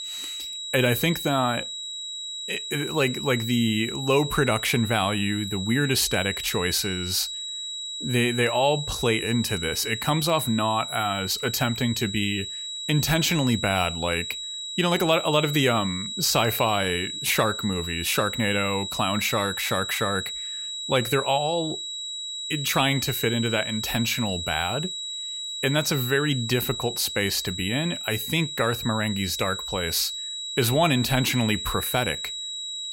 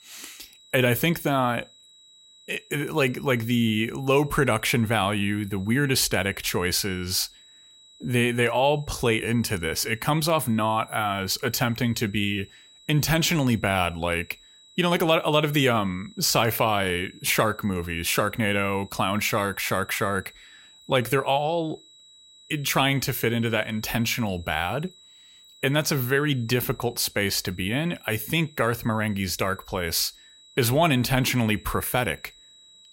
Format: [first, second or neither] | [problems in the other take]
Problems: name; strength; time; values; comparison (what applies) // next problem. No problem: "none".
second | high-pitched whine; loud; throughout; 4 kHz, 6 dB below the speech; faint in the second